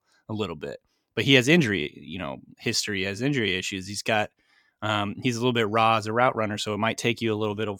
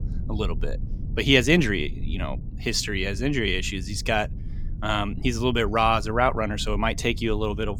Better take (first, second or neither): first